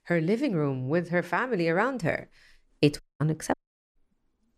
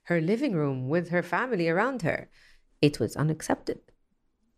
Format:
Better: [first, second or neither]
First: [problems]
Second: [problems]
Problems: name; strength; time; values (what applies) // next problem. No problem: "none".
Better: second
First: audio cutting out; at 3 s and at 3.5 s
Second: none